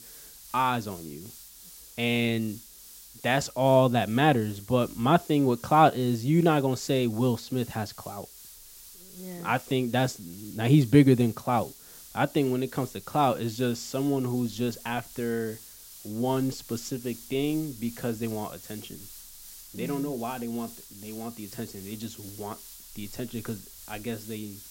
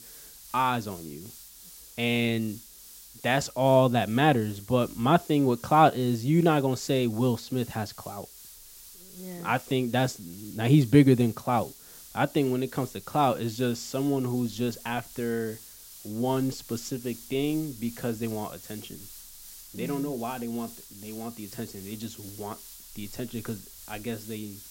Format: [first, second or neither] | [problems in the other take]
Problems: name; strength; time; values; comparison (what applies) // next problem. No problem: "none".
neither | hiss; noticeable; throughout; 20 dB below the speech; the same in both